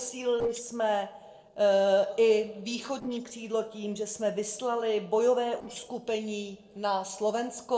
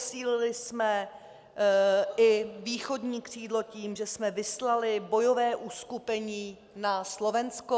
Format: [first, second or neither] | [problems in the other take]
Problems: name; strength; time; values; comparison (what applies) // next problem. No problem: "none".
second | noise reduction (neural separator model SepFormer DNS4)